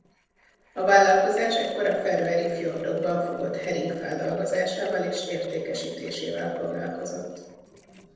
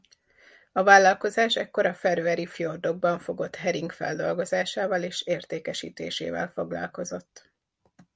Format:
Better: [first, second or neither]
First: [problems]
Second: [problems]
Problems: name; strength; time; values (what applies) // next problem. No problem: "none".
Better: second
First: noise reduction (neural separator model SepFormer DNS4)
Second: none